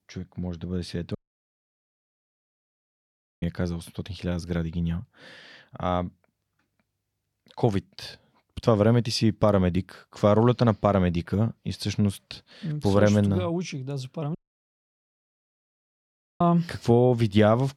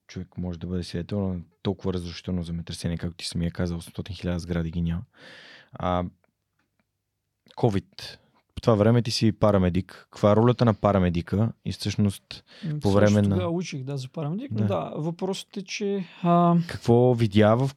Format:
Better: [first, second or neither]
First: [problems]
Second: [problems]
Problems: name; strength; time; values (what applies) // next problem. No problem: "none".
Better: second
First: audio cutting out; at 1 s for 2.5 s and at 14 s for 2 s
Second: none